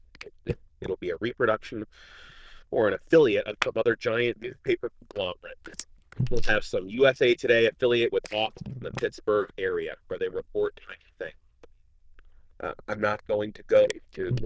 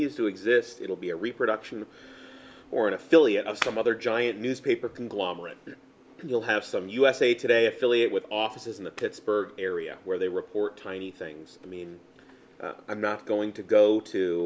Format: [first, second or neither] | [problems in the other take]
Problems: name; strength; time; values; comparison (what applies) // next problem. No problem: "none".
second | noise reduction (neural diffusion model UNIVERSE++)